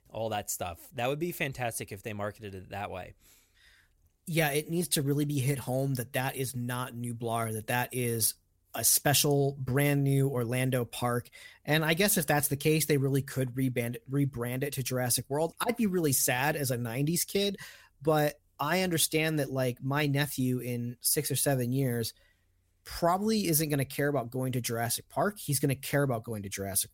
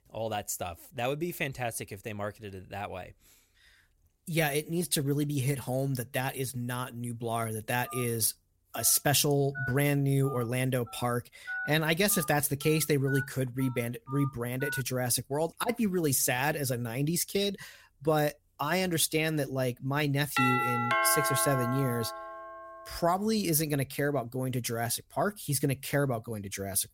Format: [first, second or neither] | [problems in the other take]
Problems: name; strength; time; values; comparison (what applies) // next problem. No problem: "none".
first | phone ringing; noticeable; from 8 to 15 s; peak 6 dB below the speech // doorbell; loud; from 20 to 22 s; peak 3 dB above the speech